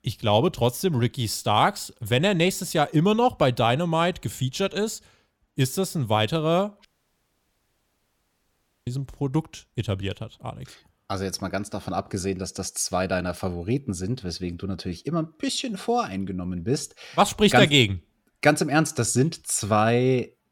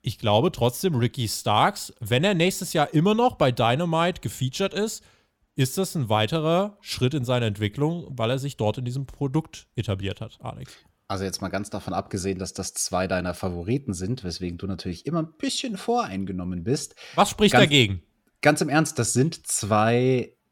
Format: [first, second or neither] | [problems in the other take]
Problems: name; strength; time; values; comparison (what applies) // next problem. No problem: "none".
second | audio cutting out; at 7 s for 2 s